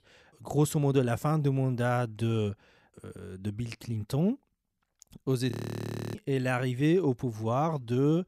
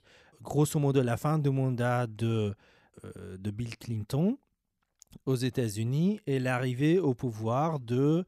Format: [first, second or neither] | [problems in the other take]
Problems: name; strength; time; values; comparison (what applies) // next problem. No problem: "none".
second | audio freezing; at 5.5 s for 0.5 s